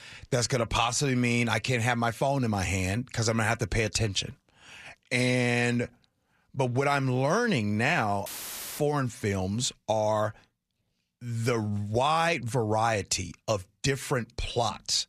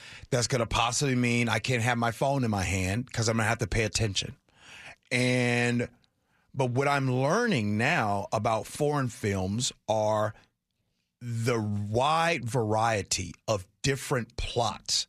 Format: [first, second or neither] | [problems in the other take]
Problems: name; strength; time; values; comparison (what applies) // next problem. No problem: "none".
second | audio cutting out; filled with static; at 8.5 s for 0.5 s